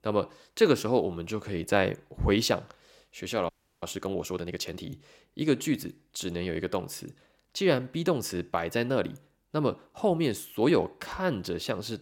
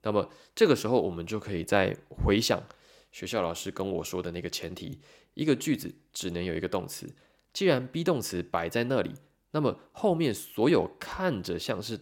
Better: second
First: audio freezing; at 3.5 s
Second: none

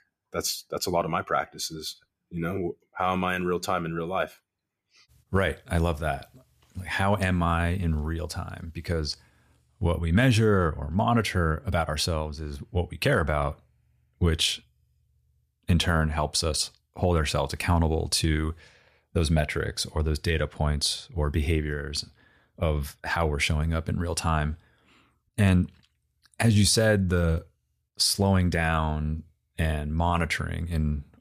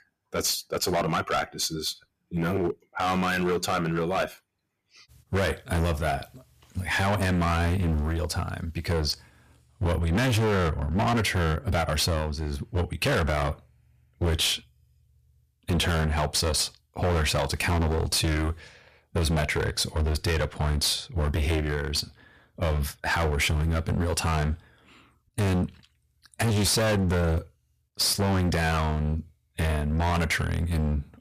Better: first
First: none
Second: distortion; heavy; 19% of the sound clipped

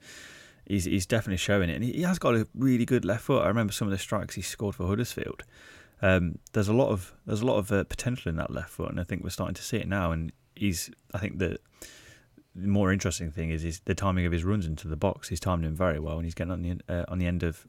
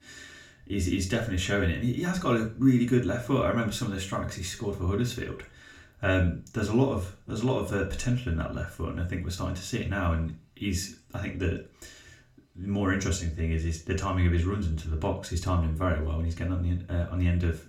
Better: first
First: none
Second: room echo; slight; dies away in 0.4 s // off-mic speech; far

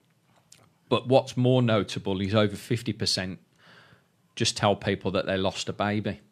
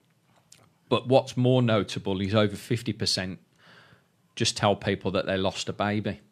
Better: neither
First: none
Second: none

